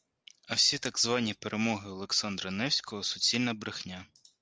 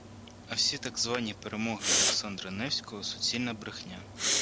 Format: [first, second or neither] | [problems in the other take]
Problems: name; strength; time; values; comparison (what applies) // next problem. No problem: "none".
first | background sound (Respiratory sounds); as loud as the speech